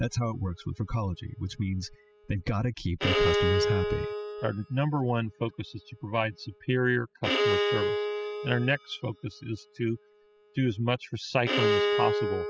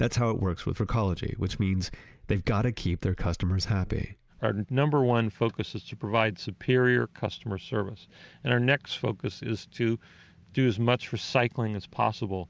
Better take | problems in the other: second | noise reduction (classical method spectral subtraction)

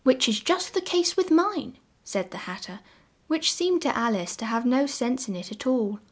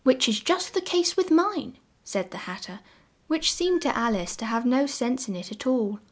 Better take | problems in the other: first | background sound (Squeak / Screech); 20 dB below the speech

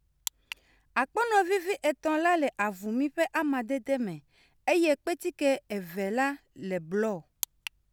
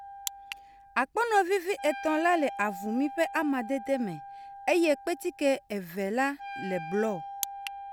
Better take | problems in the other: first | background sound (Wind instrument, woodwind instrument); 13 dB below the speech

